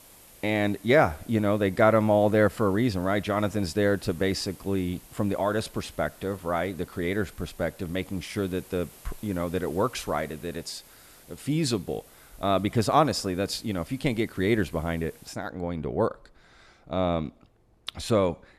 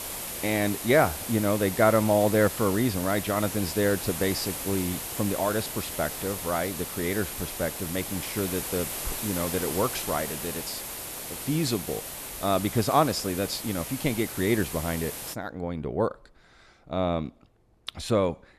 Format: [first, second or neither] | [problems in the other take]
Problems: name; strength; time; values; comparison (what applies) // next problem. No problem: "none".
first | hiss; loud; until 15 s; 6 dB below the speech; faint in the first